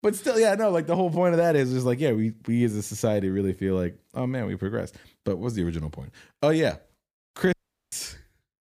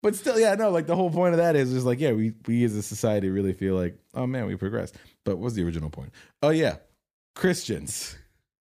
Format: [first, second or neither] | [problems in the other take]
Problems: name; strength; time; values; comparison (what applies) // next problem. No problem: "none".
second | audio cutting out; at 7.5 s